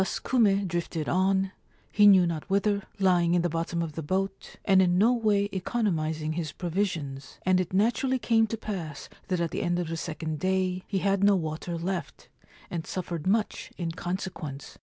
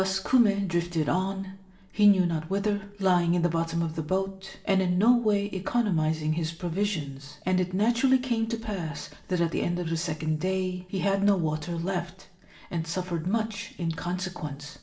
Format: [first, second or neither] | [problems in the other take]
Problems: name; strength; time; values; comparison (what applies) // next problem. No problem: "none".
first | room echo; dies away in 0.5 s